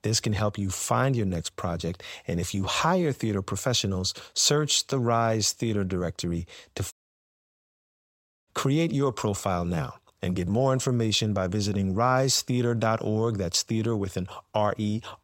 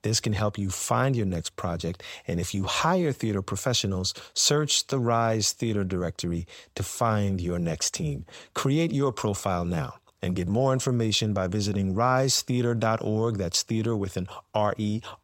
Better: second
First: audio cutting out; at 7 s for 1.5 s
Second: none

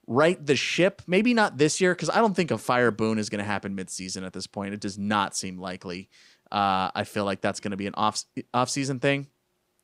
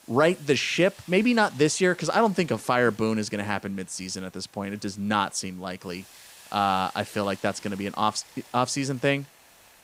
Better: first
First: none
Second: hiss; faint; throughout; 25 dB below the speech

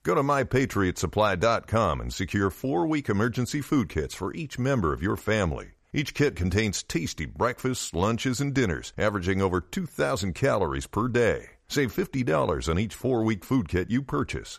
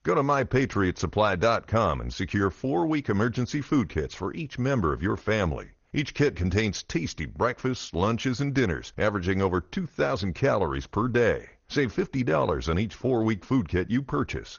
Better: first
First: none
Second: garbled, watery; slightly; nothing above 6.5 kHz

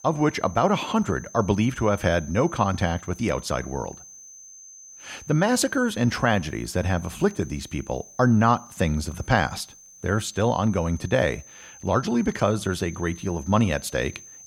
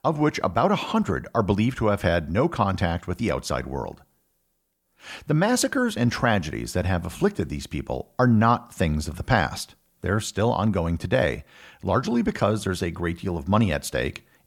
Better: second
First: high-pitched whine; noticeable; throughout; 6 kHz, 20 dB below the speech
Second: none

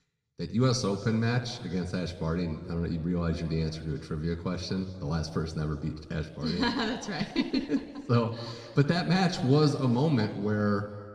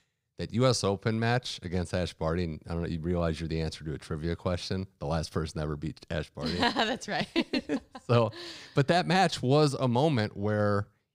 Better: second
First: room echo; slight; dies away in 1.6 s // off-mic speech; somewhat distant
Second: none

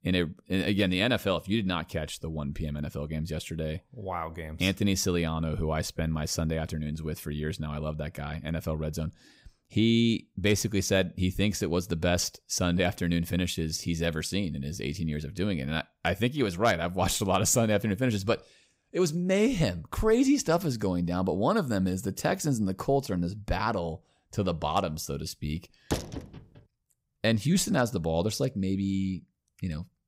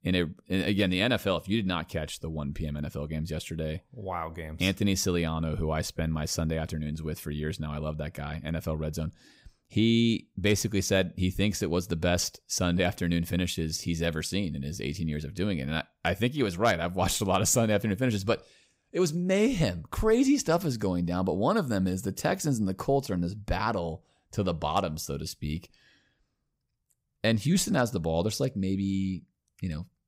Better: second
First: door banging; noticeable; at 26 s; peak 5 dB below the speech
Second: none

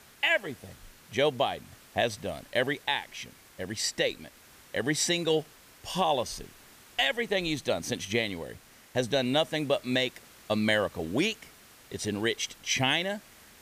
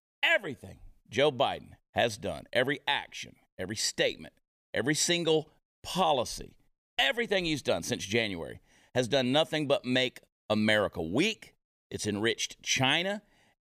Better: second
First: hiss; faint; throughout; 25 dB below the speech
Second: none

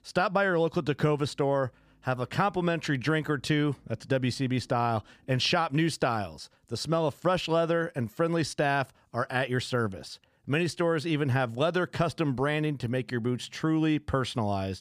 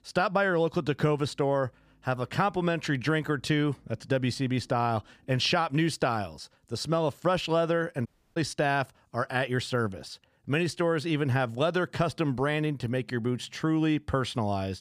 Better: first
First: none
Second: audio cutting out; at 8 s

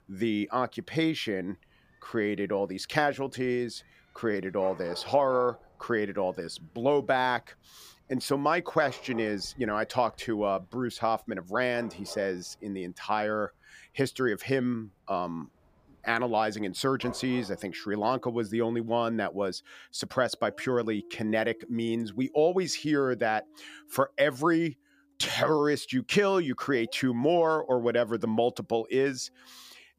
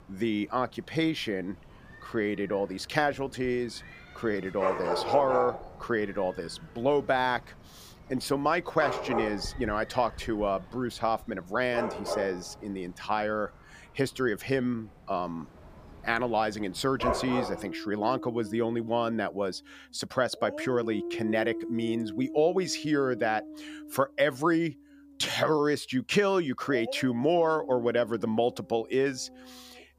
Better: first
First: animal sounds; faint; throughout; 20 dB below the speech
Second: animal sounds; loud; throughout; 8 dB below the speech

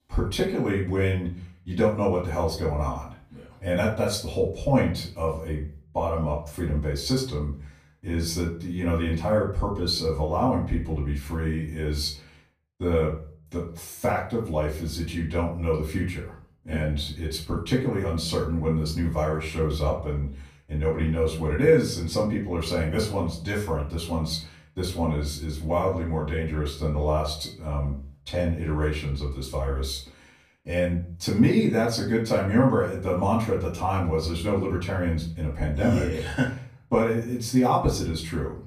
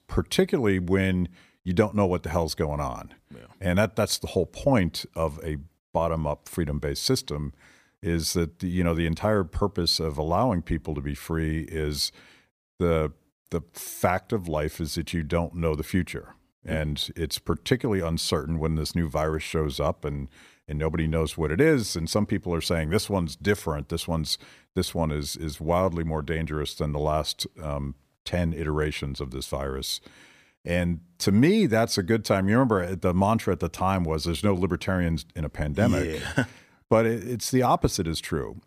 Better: second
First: room echo; slight; dies away in 0.4 s // off-mic speech; far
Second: none

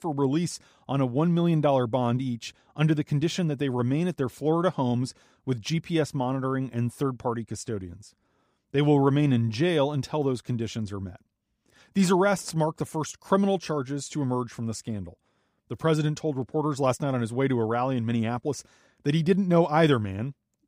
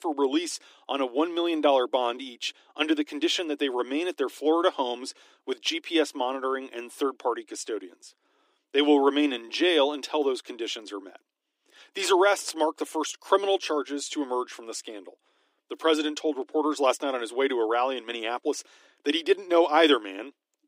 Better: first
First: none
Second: thin; somewhat; fading below 300 Hz

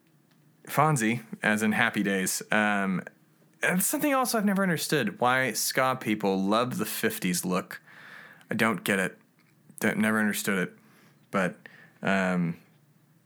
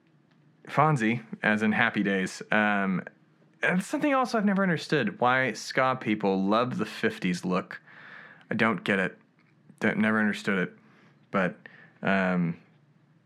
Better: first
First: none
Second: muffled; slightly; fading above 3.5 kHz

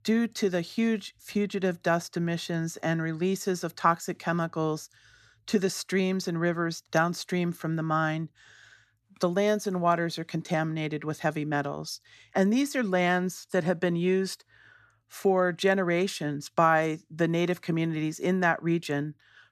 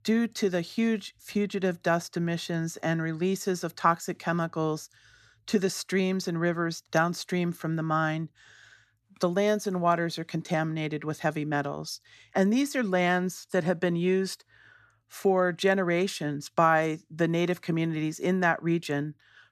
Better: neither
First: none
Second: none

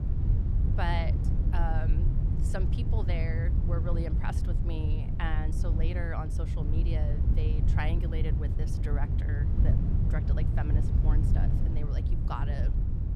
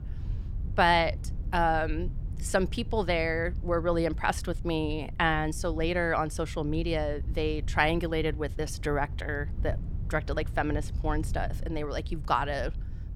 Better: second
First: low rumble; loud; throughout; 3 dB below the speech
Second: low rumble; faint; throughout; 25 dB below the speech

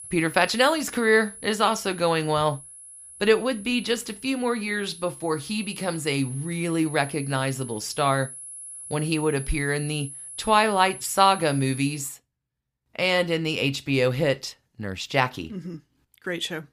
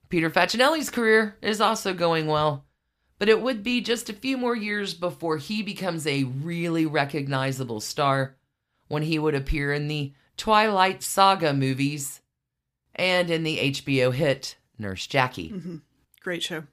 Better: second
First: high-pitched whine; noticeable; until 12 s; 10.5 kHz, 15 dB below the speech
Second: none

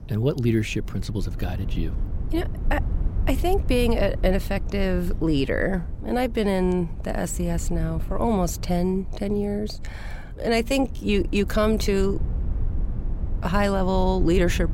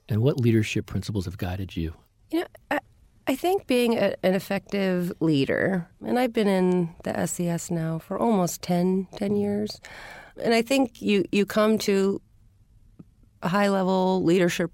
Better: second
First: low rumble; noticeable; throughout; 20 dB below the speech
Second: none

